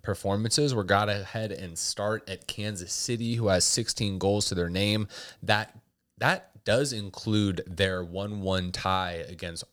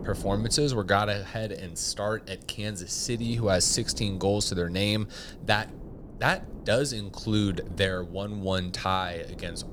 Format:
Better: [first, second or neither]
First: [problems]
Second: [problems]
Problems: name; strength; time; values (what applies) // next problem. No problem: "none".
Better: first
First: none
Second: wind noise on the microphone; occasional gusts; 20 dB below the speech